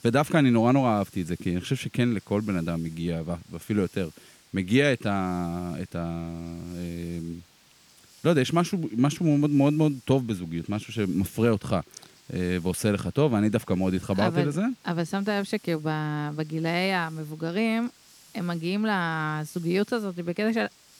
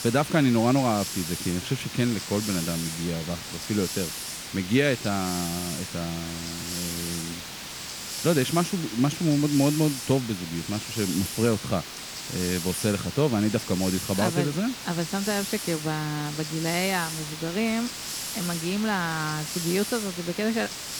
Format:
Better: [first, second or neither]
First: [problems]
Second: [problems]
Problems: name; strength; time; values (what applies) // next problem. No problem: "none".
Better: first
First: hiss; faint; throughout; 25 dB below the speech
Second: hiss; loud; throughout; 6 dB below the speech